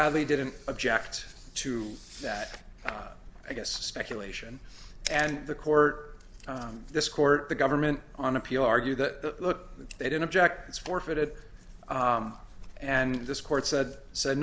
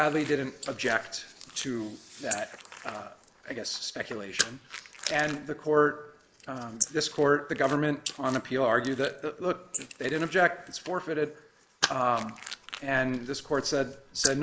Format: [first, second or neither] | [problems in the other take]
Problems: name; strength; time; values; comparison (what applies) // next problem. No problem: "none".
first | noise reduction (neural mask model Resemble Enhance denoiser)